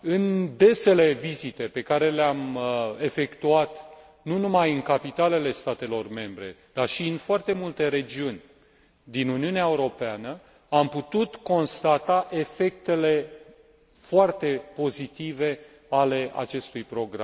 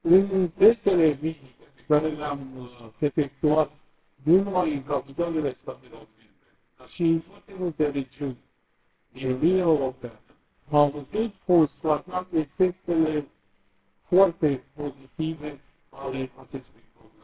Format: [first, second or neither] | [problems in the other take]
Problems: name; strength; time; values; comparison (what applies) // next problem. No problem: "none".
first | noise reduction (neural separator model SepFormer WHAMR!)